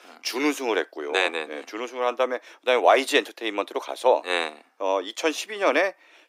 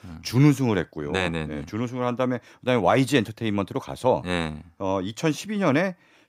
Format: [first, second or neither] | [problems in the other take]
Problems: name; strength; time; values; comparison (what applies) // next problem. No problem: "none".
second | thin; very; fading below 350 Hz